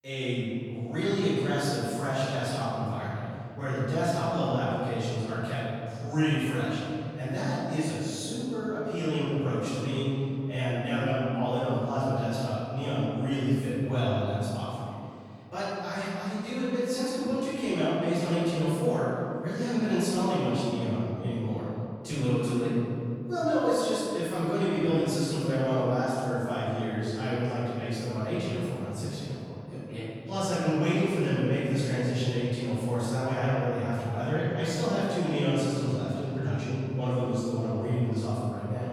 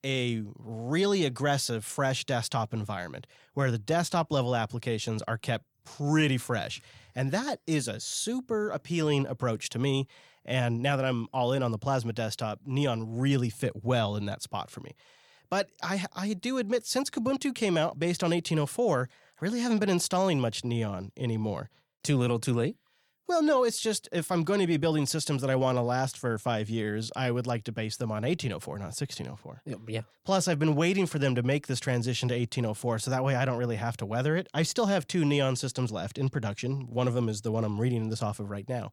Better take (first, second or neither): second